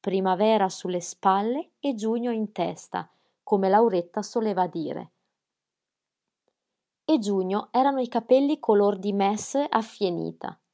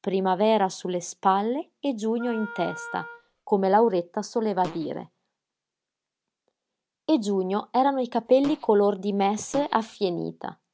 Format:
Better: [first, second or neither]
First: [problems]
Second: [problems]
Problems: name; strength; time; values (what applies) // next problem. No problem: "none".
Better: first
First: none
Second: background sound (Fart + Wind instrument, woodwind instrument); 16 dB below the speech